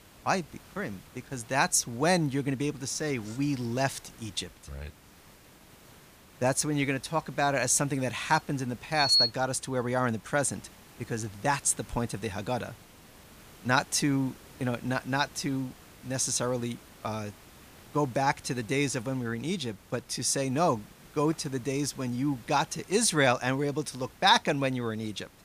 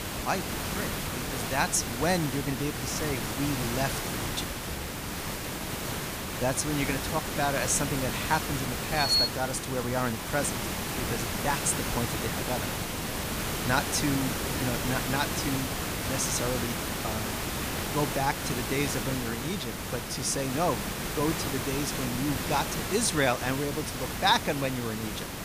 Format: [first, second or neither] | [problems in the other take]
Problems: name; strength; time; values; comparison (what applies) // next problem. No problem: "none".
first | hiss; loud; throughout; 2 dB below the speech; faint in the first